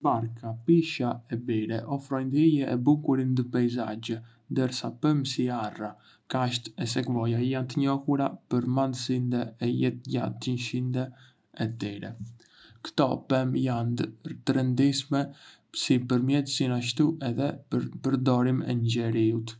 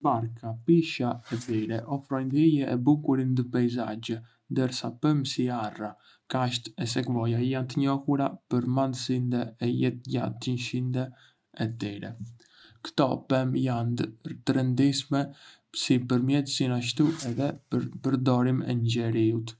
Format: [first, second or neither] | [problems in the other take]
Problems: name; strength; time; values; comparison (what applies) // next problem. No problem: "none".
first | noise reduction (neural mask model RNNoise)